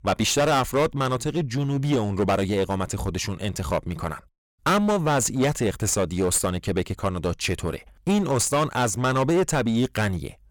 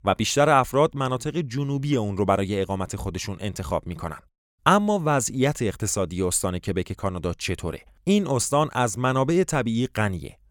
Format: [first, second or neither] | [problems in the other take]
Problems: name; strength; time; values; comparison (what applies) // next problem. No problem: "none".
second | distortion; heavy; 12% of the sound clipped